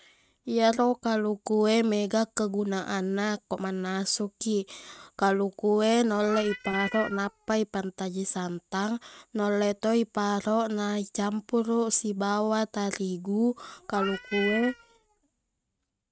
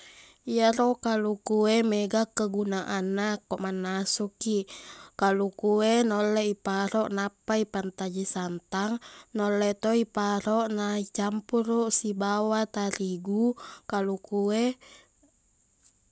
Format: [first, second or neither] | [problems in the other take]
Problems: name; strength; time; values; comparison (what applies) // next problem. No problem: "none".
second | noise reduction (neural mask model RNNoise)